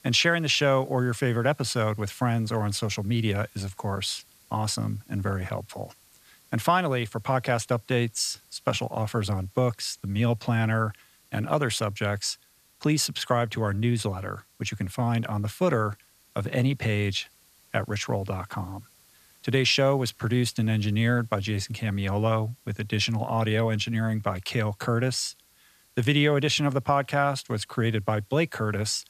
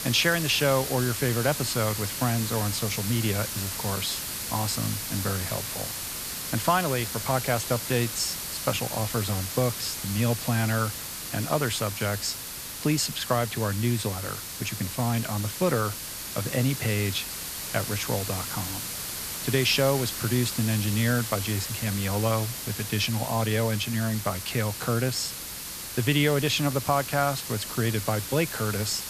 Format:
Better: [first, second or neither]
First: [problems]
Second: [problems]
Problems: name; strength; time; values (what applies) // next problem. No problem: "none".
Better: first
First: hiss; faint; throughout; 30 dB below the speech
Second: hiss; loud; throughout; 5 dB below the speech